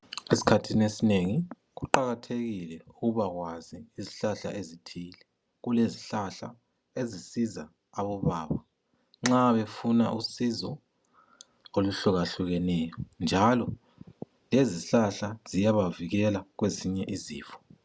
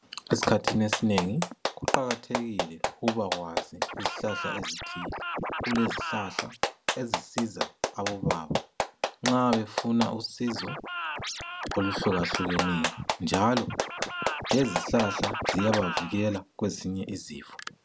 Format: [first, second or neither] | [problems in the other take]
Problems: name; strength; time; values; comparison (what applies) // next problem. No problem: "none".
first | background sound (Clapping + Scratching (performance technique)); 3 dB below the speech